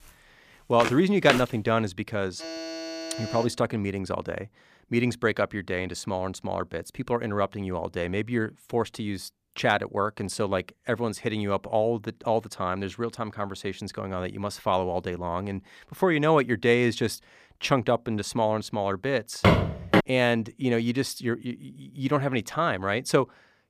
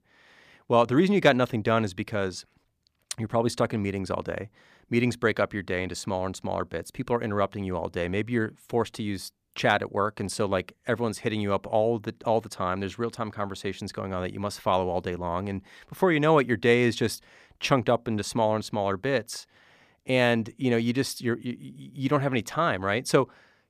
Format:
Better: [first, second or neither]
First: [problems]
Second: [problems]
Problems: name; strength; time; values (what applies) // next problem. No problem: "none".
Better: second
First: footsteps; noticeable; at 1 s; peak 1 dB below the speech // alarm; noticeable; from 2.5 to 3.5 s; peak 8 dB below the speech // footsteps; loud; at 19 s; peak 6 dB above the speech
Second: none